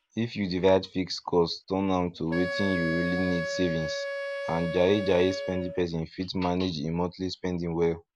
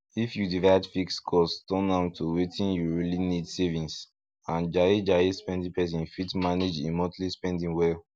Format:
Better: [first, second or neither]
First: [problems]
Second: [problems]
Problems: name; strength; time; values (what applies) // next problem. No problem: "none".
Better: second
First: background sound (Wind instrument, woodwind instrument); 8 dB below the speech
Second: none